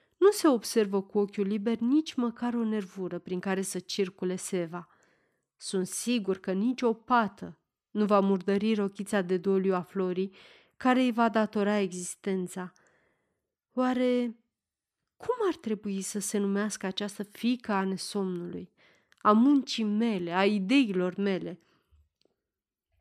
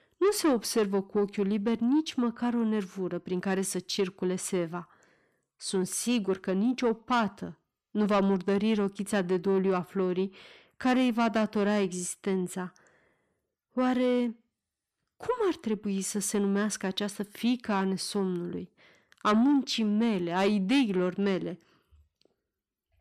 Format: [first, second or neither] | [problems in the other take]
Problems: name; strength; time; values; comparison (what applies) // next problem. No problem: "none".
first | distortion; slight; 10 dB below the speech